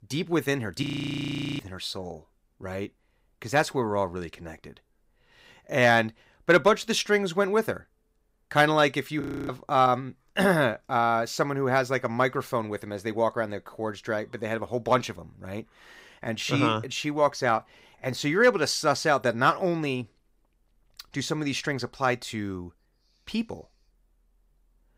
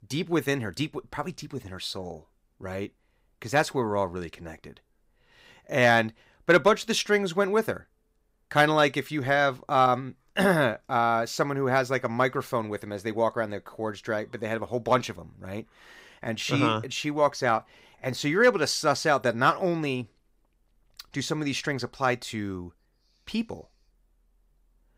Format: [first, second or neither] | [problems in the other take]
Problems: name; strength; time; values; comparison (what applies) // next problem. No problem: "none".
second | audio freezing; at 1 s for 1 s and at 9 s